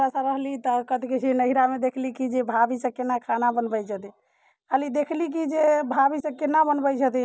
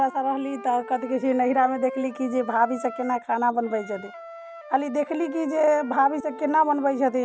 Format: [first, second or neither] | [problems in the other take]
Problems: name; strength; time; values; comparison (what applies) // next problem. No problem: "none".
first | background sound (Wind instrument, woodwind instrument); 16 dB below the speech